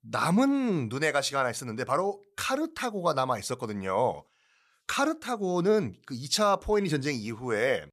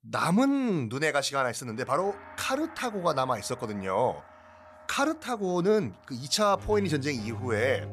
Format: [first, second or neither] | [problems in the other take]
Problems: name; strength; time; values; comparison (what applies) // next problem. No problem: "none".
first | background music; noticeable; from 2 s on; 15 dB below the speech